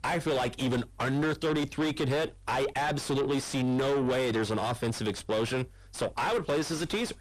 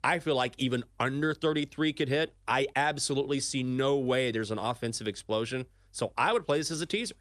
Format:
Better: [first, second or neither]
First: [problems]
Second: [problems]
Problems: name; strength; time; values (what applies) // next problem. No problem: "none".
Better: second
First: distortion; heavy; 5 dB below the speech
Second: none